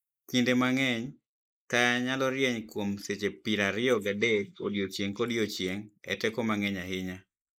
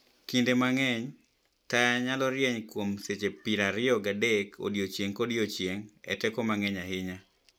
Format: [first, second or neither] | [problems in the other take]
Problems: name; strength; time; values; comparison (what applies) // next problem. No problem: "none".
second | noise reduction (neural mask model Resemble Enhance denoiser)